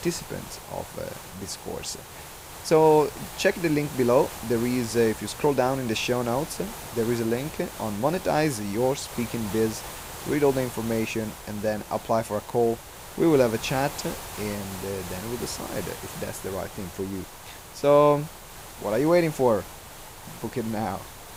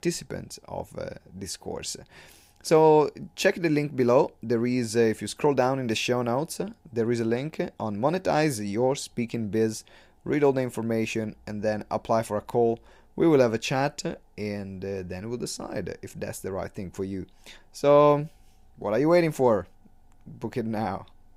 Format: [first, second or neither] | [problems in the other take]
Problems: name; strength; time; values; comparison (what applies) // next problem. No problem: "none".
second | hiss; noticeable; throughout; 15 dB below the speech